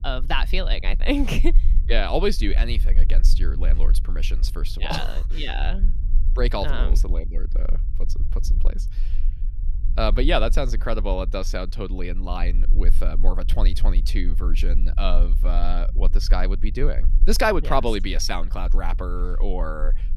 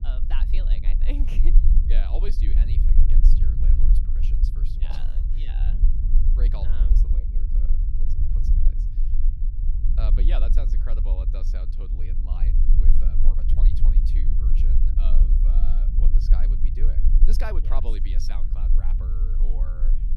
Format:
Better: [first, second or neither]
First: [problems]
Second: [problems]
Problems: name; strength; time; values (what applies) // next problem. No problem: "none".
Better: first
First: low rumble; faint; throughout; 20 dB below the speech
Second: low rumble; loud; throughout; 3 dB below the speech